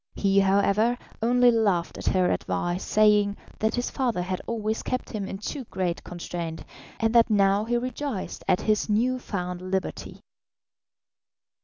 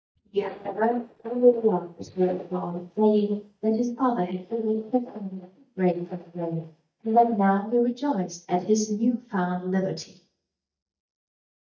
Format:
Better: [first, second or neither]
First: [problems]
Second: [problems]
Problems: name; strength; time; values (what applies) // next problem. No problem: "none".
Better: first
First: none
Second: noise reduction (neural mask model DeepFilterNet 3)